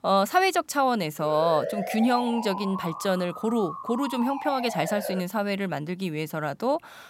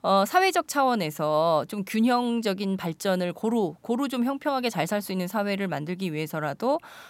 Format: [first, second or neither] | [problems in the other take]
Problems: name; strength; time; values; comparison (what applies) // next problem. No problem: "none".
second | siren; noticeable; from 1 to 5 s; peak 5 dB below the speech